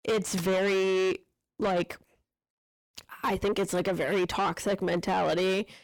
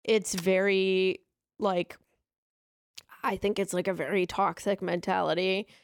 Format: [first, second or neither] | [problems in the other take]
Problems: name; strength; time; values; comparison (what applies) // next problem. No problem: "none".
second | distortion; heavy; 7 dB below the speech